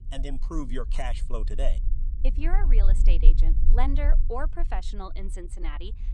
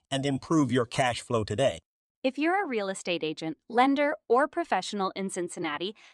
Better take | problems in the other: second | low rumble; noticeable; throughout; 15 dB below the speech

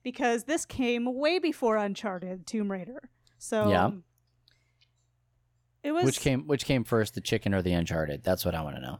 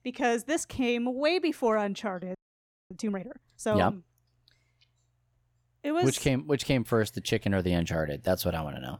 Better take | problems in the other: first | audio freezing; at 2.5 s for 0.5 s

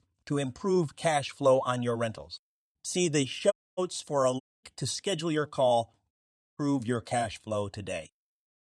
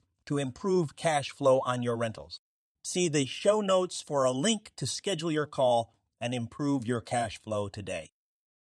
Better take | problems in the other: second | audio cutting out; at 3.5 s, at 4.5 s and at 6 s

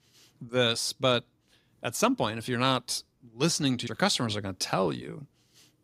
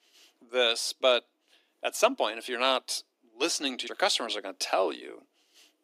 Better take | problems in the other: first | thin; somewhat; fading below 300 Hz

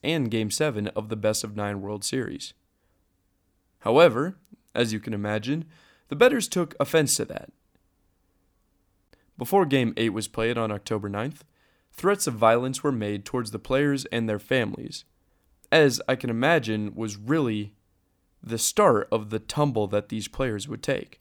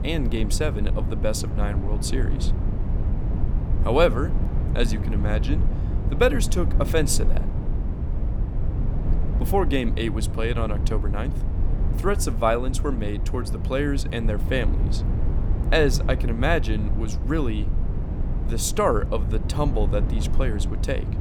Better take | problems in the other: first | low rumble; noticeable; throughout; 10 dB below the speech

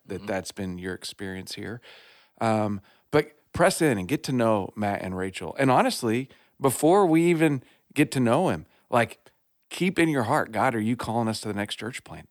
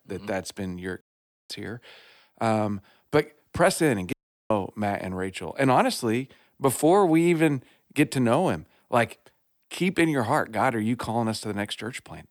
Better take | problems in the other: first | audio cutting out; at 1 s and at 4 s

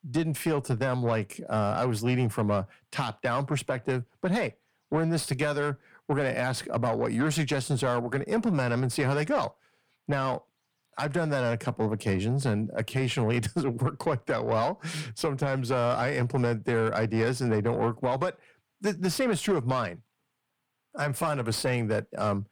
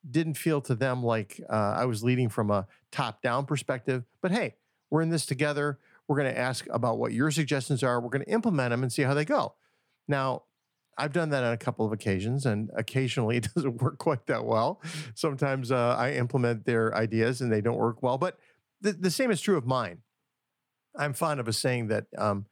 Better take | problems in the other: second | distortion; slight; 10 dB below the speech

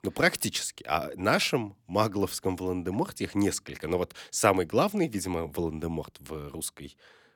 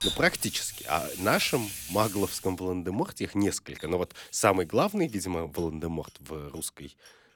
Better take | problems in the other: first | household noises; loud; throughout; 8 dB below the speech

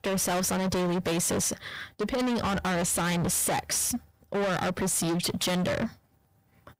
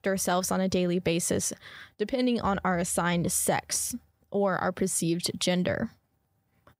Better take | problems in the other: second | distortion; heavy; 36% of the sound clipped

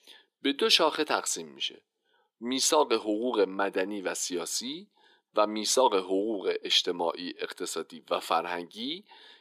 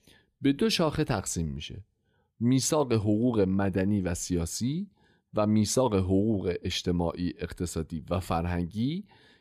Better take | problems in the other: second | thin; somewhat; fading below 350 Hz

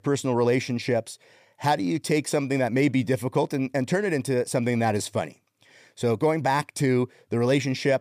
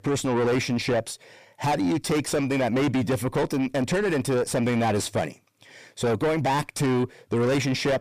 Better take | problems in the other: first | distortion; heavy; 7 dB below the speech

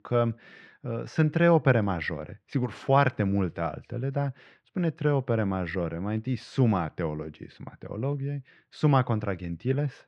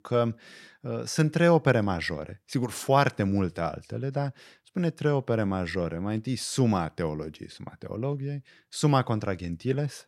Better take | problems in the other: second | muffled; slightly; fading above 2.5 kHz

